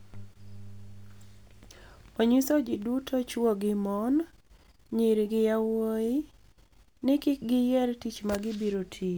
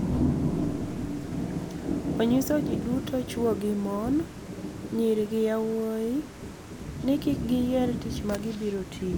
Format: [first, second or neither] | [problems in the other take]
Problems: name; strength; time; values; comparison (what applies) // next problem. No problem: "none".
first | background sound (Thunder / Rain); 3 dB below the speech